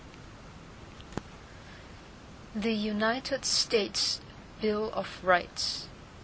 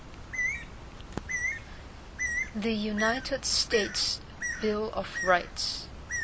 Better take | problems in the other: first | background sound (Bird); 4 dB below the speech

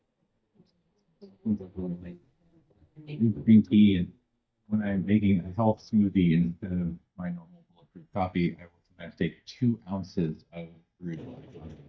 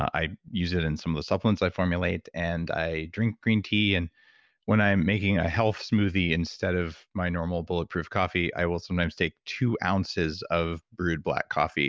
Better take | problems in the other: second | noise reduction (neural mask model DeepFilterNet 3)

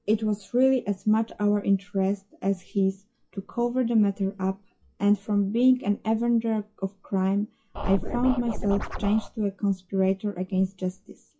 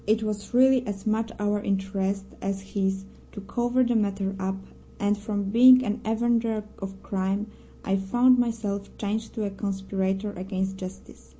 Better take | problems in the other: second | noise reduction (classical method WPE with log-MMSE)

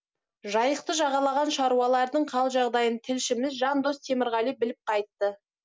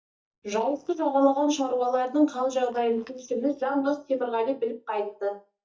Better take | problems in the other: first | noise reduction (neural mask model DeepFilterNet 3)

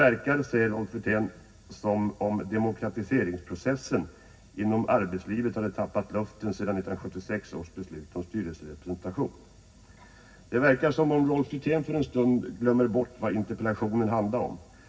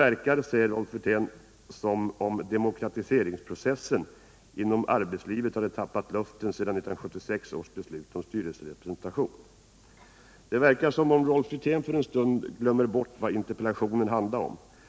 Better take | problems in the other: second | room echo; dies away in 0.4 s

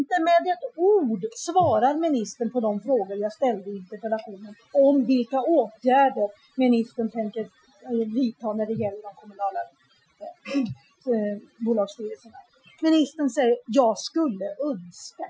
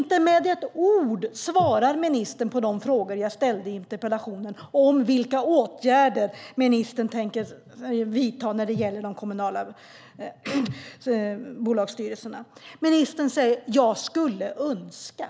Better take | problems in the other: second | noise reduction (classical method Wiener filter)

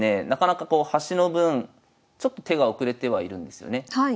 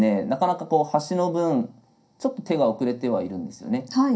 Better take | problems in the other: first | room echo; dies away in 0.3 s

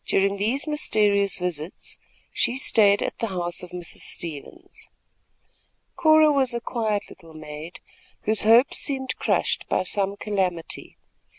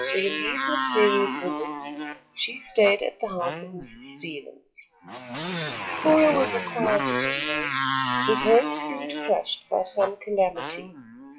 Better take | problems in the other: first | noise reduction (classical method WPE with log-MMSE)

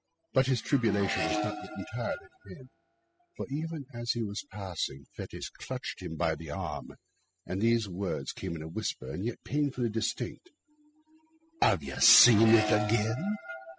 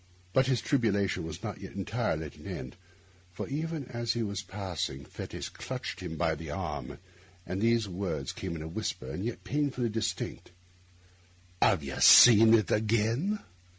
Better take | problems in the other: second | noise reduction (classical method spectral subtraction)

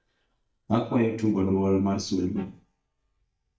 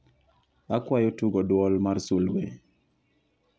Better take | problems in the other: second | noise reduction (neural mask model DeepFilterNet 3)

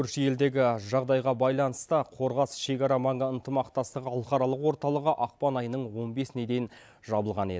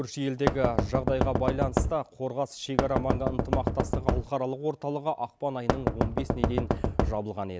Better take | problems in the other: first | background sound (Knock); 4 dB above the speech

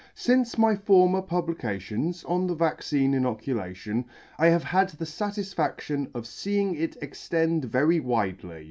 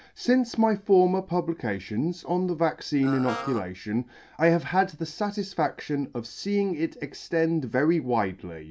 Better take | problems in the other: first | background sound (Burping, eructation + Brass instrument); 10 dB below the speech

